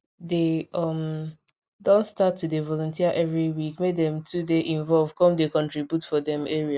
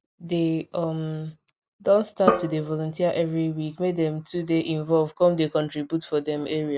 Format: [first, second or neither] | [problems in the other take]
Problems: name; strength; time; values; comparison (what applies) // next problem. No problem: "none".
first | background sound (Drum); 4 dB below the speech